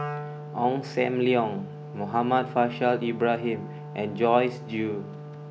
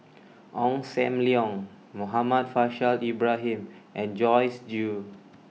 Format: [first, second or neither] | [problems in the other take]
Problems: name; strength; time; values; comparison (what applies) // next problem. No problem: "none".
second | background sound (Wind instrument, woodwind instrument); 11 dB below the speech